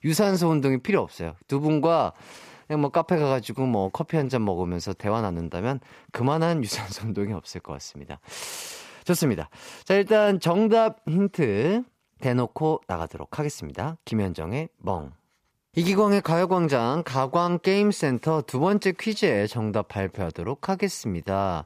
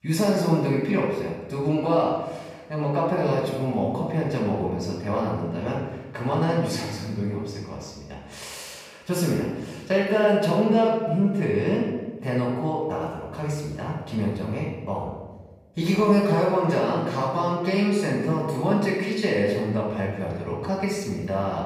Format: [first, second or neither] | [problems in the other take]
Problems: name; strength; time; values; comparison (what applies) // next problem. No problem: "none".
first | room echo; noticeable; dies away in 1 s // off-mic speech; far